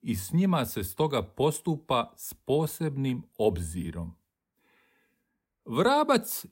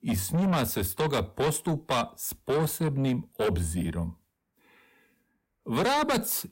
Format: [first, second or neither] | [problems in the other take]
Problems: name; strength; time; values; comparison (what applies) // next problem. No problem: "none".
first | distortion; heavy; 6 dB below the speech